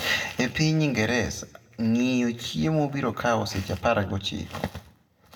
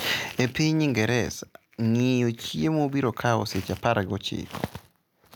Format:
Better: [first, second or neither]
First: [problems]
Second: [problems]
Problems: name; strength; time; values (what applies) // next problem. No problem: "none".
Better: second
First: room echo; dies away in 0.5 s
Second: none